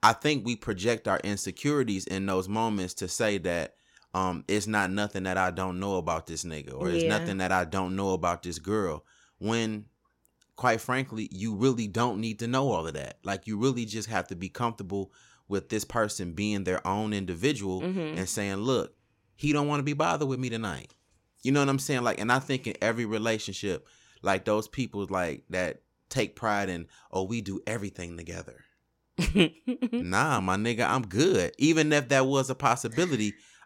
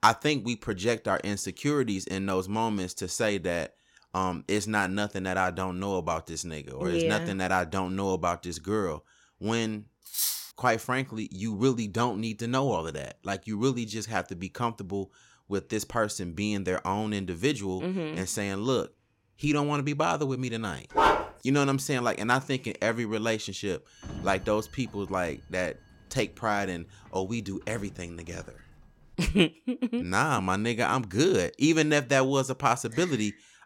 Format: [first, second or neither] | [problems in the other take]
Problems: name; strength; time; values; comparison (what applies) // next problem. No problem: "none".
first | clattering dishes; loud; at 10 s; peak 1 dB above the speech // dog barking; loud; at 21 s; peak 6 dB above the speech // door banging; faint; from 24 to 29 s; peak 10 dB below the speech